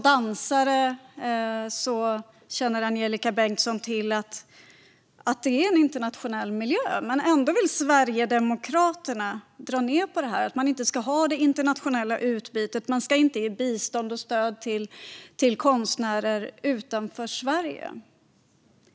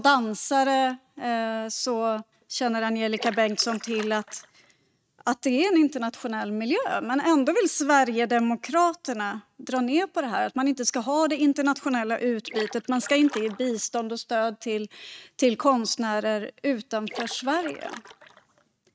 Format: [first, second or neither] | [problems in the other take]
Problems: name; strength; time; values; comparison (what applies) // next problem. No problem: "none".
first | noise reduction (neural mask model RNNoise)